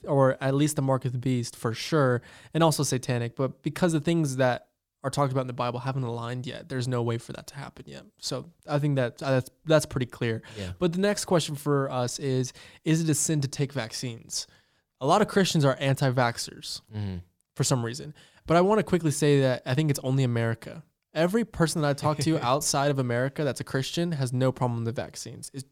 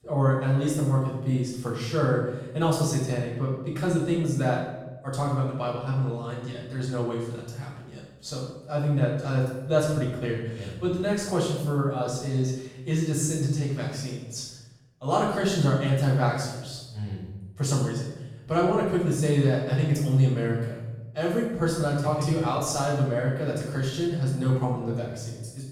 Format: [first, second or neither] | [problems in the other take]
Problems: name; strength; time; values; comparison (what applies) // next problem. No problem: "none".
first | off-mic speech; far // room echo; noticeable; dies away in 0.9 s